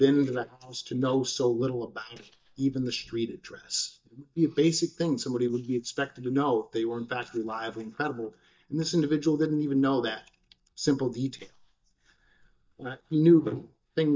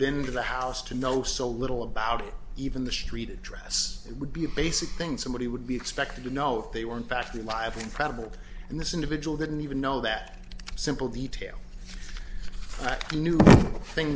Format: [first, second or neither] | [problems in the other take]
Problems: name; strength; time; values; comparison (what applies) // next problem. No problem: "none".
second | noise reduction (neural mask model DeepFilterNet 3)